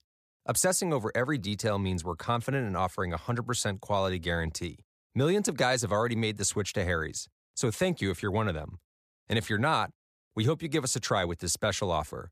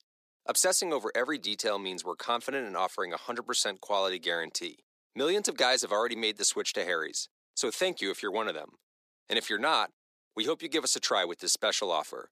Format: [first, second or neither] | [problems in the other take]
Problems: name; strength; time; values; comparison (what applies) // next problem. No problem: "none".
first | thin; somewhat; fading below 300 Hz